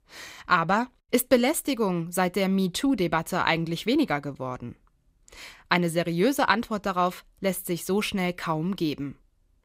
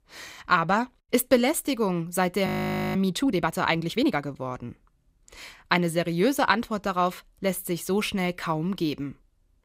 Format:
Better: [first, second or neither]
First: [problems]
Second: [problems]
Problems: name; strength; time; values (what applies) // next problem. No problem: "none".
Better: first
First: none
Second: audio freezing; at 2.5 s